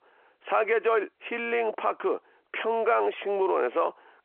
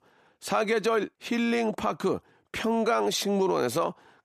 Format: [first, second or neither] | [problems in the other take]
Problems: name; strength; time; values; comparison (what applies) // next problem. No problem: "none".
second | phone-call audio